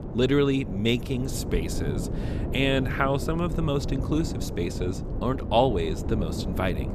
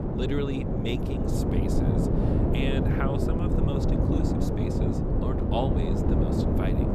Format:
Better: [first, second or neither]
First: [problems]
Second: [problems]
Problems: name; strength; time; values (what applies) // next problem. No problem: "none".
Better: first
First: wind noise on the microphone; occasional gusts; 10 dB below the speech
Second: wind noise on the microphone; heavy; 4 dB above the speech